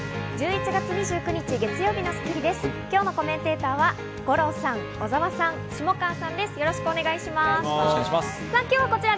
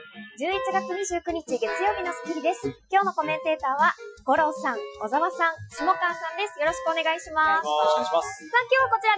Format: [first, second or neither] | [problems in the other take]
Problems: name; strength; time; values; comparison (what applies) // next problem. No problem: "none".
first | noise reduction (classical method Wiener filter)